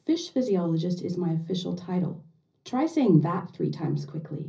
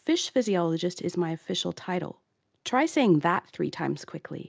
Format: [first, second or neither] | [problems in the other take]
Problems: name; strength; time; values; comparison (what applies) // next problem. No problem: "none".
second | room echo; dies away in 0.5 s